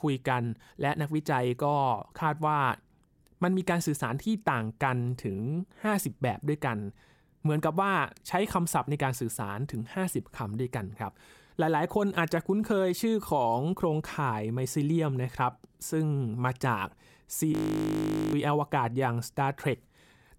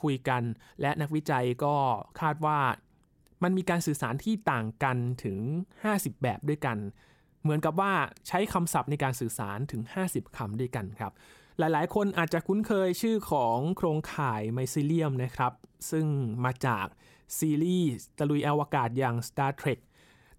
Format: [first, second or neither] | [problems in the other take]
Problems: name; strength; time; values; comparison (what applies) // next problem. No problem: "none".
second | audio freezing; at 18 s for 1 s